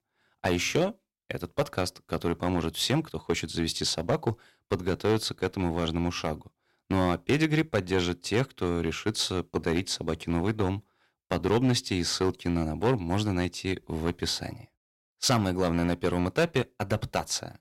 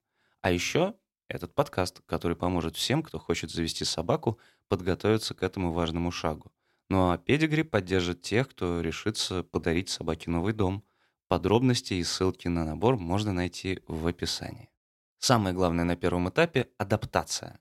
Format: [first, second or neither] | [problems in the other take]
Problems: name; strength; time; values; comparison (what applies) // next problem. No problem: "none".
second | distortion; slight; 3% of the sound clipped